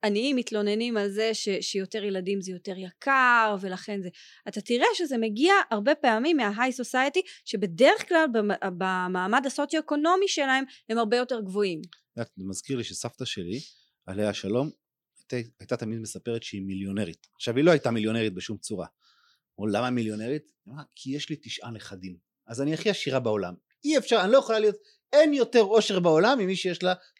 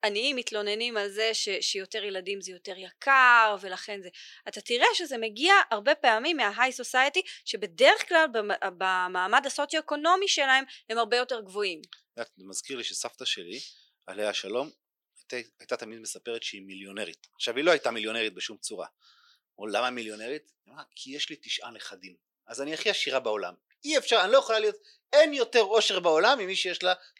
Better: first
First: none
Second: thin; somewhat; fading below 550 Hz

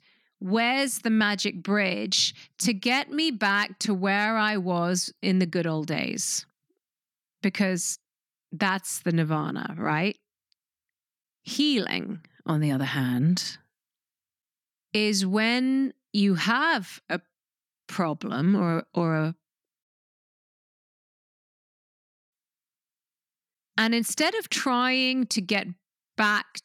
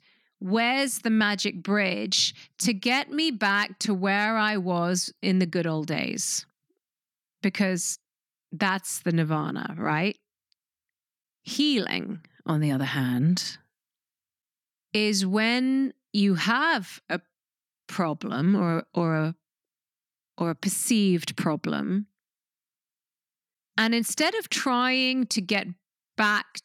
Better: second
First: audio cutting out; at 20 s for 2.5 s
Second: none

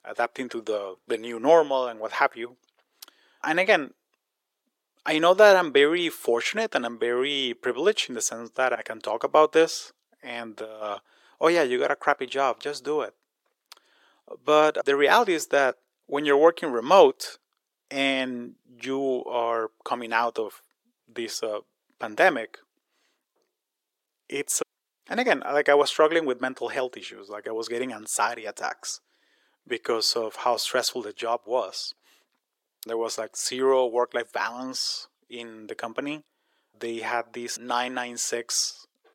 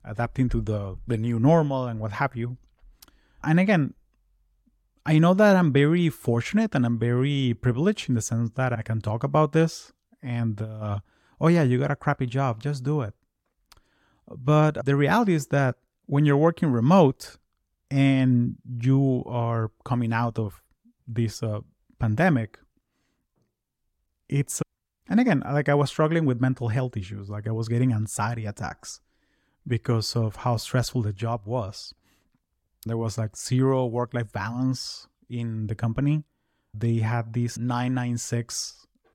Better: second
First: thin; very; fading below 400 Hz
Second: none

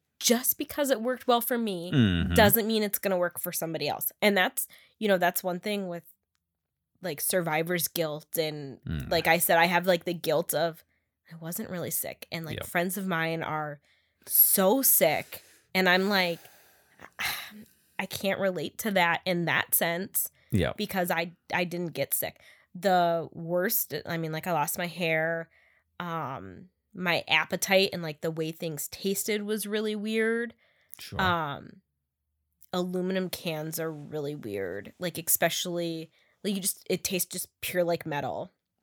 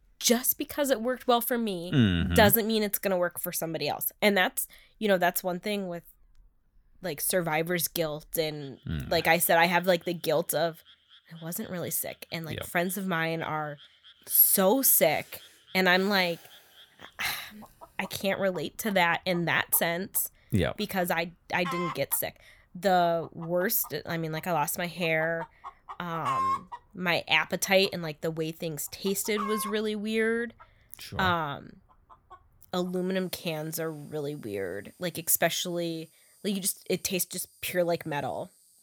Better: first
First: none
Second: animal sounds; noticeable; throughout; 15 dB below the speech

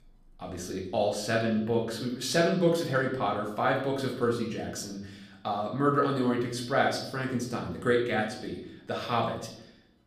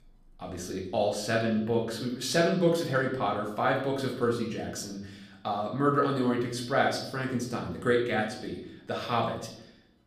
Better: neither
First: room echo; slight; dies away in 0.7 s // off-mic speech; far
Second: room echo; slight; dies away in 0.7 s // off-mic speech; far

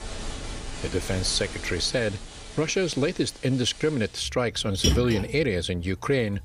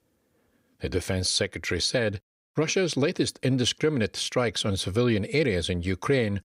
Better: second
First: rain or running water; loud; throughout; 7 dB below the speech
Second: none

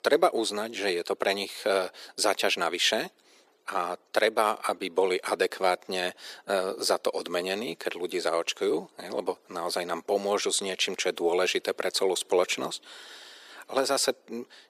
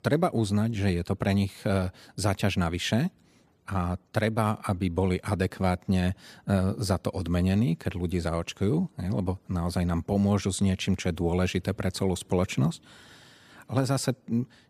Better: second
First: thin; very; fading below 400 Hz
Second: none

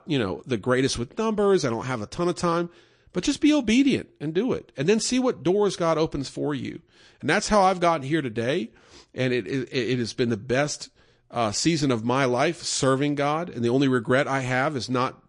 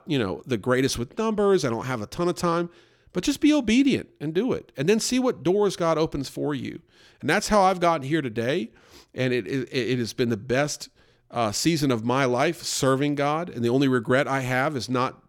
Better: second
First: garbled, watery; slightly; nothing above 8 kHz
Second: none

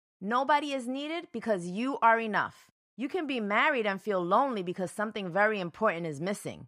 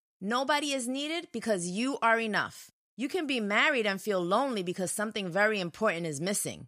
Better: second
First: muffled; slightly; fading above 3.5 kHz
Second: none

